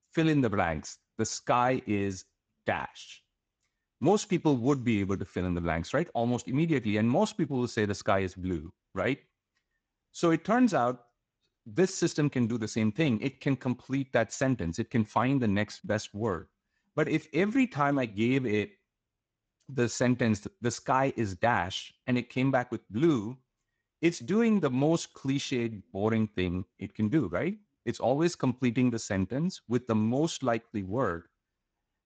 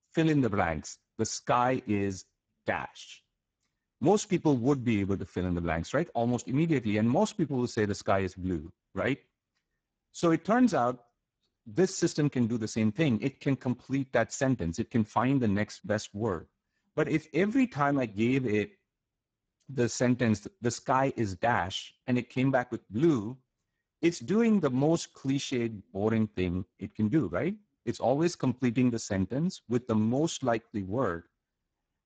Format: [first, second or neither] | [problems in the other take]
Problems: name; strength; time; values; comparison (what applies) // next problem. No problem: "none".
first | garbled, watery; badly; nothing above 7.5 kHz; slightly in the first